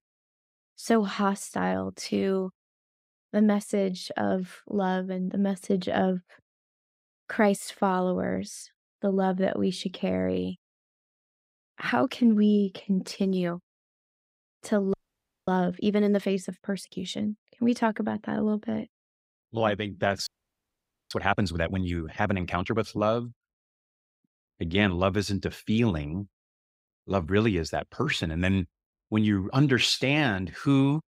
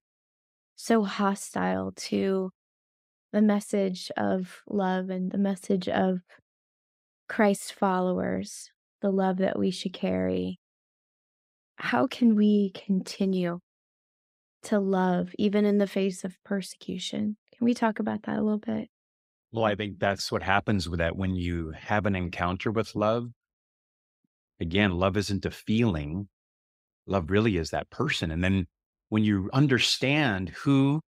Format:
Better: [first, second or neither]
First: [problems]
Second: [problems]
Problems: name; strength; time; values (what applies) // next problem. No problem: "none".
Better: second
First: audio freezing; at 15 s for 0.5 s and at 20 s for 1 s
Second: none